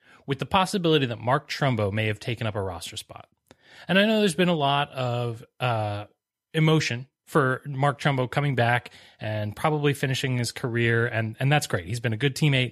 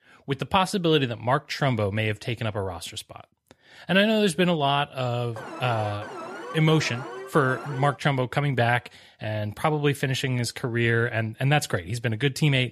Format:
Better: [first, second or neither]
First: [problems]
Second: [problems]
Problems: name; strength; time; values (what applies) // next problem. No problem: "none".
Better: first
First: none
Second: alarm; faint; from 5.5 to 8 s; peak 10 dB below the speech